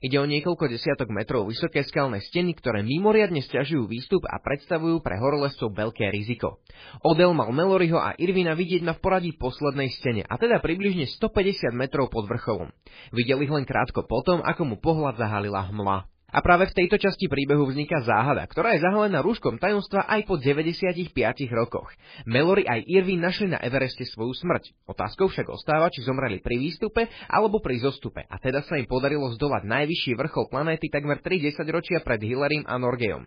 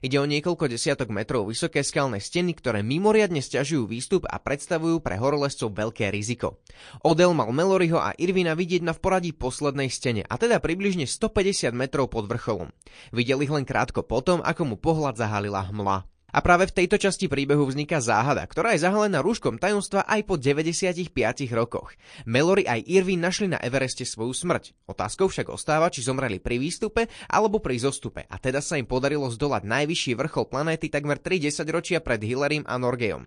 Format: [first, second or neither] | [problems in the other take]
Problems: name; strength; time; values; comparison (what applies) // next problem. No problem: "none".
second | garbled, watery; badly; nothing above 5 kHz; slightly in the second